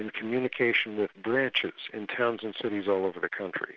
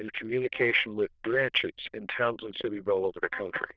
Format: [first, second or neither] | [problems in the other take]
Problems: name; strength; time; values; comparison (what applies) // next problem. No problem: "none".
first | noise reduction (neural diffusion model UNIVERSE++)